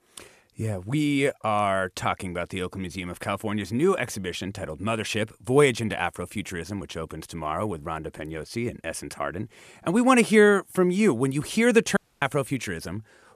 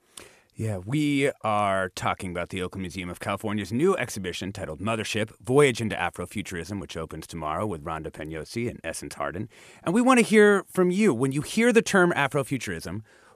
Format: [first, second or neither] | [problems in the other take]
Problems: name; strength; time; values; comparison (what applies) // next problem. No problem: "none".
second | audio cutting out; at 12 s